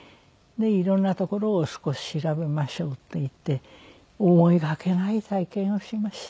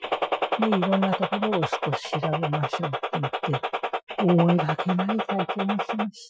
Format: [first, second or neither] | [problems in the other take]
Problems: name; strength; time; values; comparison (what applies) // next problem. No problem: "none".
first | noise reduction (classical method Wiener filter)